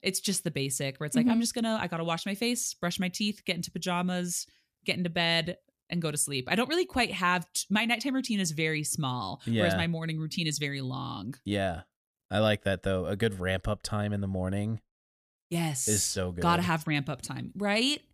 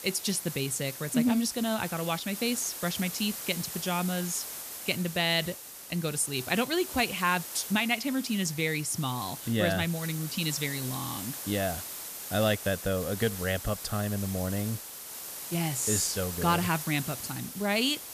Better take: first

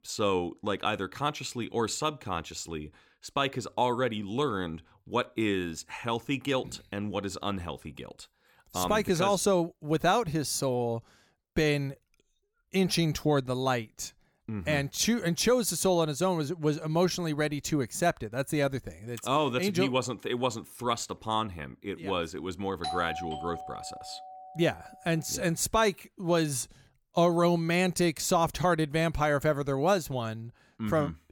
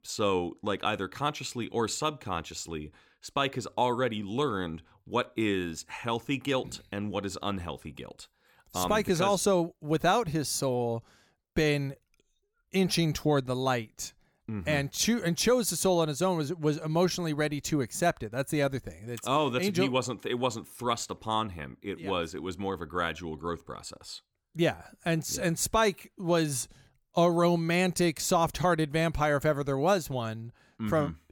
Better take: second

